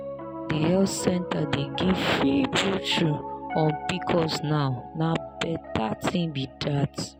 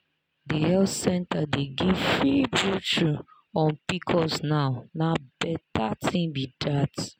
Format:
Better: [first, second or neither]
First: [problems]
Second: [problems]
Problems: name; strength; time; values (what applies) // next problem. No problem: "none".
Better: second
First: background sound (Piano); 9 dB below the speech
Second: none